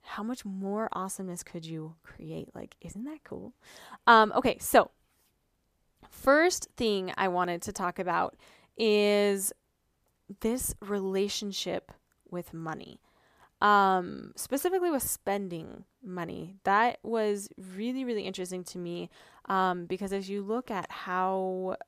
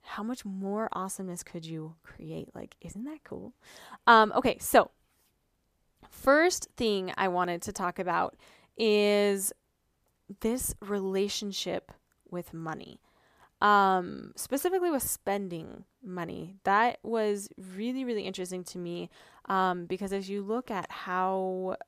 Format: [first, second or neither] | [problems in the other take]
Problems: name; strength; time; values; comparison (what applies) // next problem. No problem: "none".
neither | none